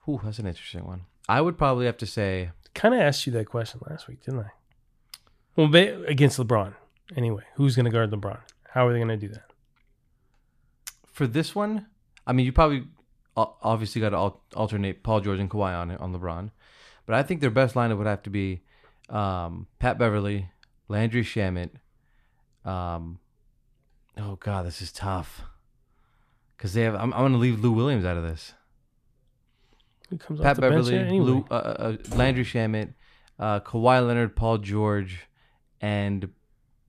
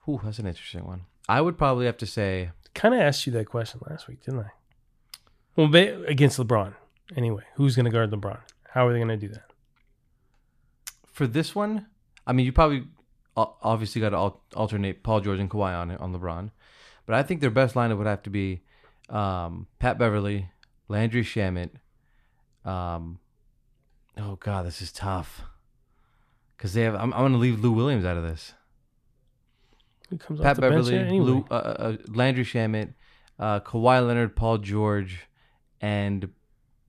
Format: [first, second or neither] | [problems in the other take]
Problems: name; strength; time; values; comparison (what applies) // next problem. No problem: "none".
second | door banging; noticeable; at 32 s; peak 7 dB below the speech